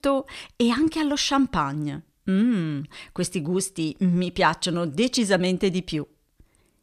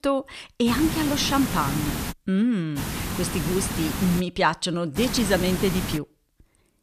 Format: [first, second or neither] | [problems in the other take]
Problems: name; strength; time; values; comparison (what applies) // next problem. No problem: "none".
first | hiss; loud; from 0.5 to 2 s, from 3 to 4 s and from 5 to 6 s; 5 dB below the speech